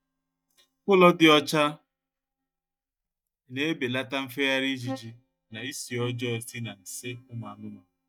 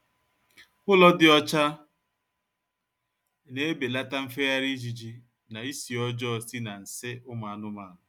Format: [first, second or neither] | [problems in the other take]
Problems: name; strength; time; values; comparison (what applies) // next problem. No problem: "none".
second | noise reduction (neural mask model DeepFilterNet 3)